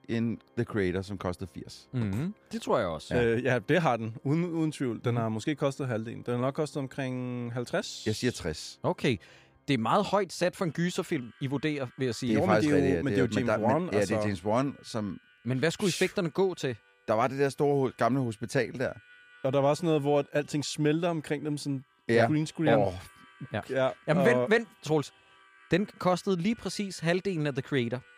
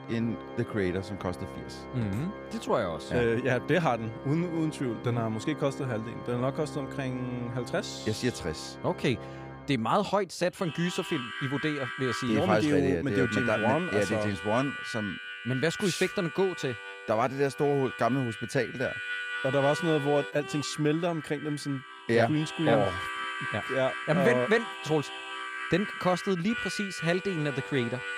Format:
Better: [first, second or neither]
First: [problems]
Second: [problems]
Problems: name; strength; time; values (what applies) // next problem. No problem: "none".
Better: first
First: background music; faint; throughout; 30 dB below the speech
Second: background music; loud; throughout; 8 dB below the speech